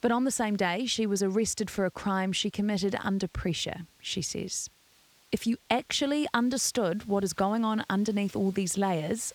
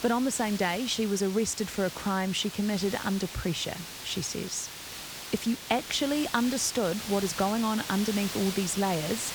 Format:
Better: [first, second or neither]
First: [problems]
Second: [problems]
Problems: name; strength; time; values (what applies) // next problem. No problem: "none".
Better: first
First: hiss; faint; throughout; 30 dB below the speech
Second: hiss; loud; throughout; 8 dB below the speech